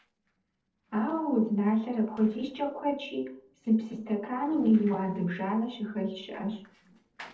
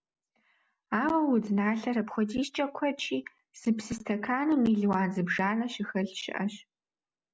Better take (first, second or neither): second